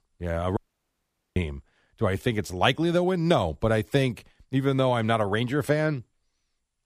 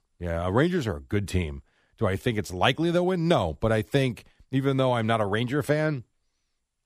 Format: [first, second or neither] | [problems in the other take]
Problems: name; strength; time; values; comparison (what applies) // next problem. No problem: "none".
second | audio cutting out; at 0.5 s for 1 s